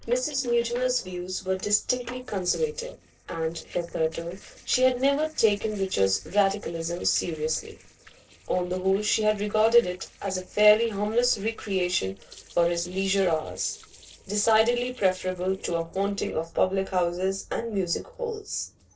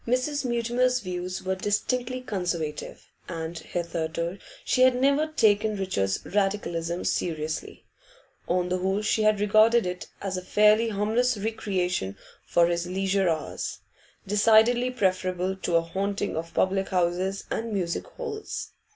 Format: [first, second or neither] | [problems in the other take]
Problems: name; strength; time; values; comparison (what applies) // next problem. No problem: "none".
second | noise reduction (neural separator model SepFormer DNS4)